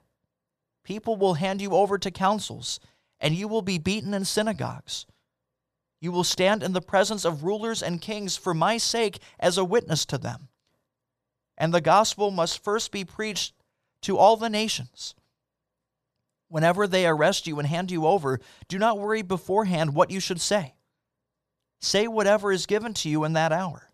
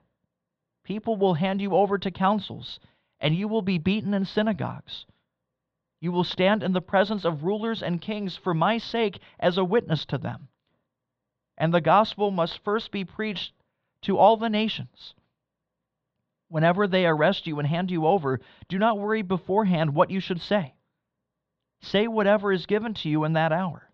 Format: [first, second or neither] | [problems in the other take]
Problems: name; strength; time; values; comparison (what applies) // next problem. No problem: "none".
first | muffled; slightly; fading above 3.5 kHz